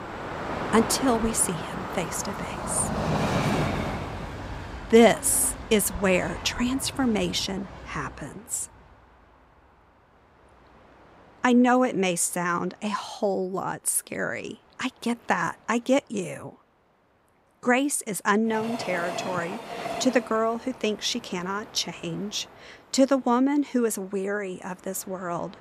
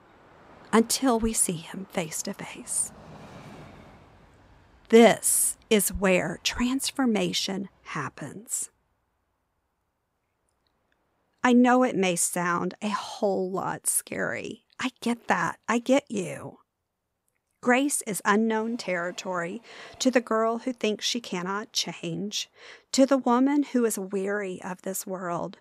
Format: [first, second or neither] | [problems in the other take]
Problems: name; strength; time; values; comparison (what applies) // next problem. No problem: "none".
second | train or aircraft noise; loud; throughout; 7 dB below the speech; faint in the second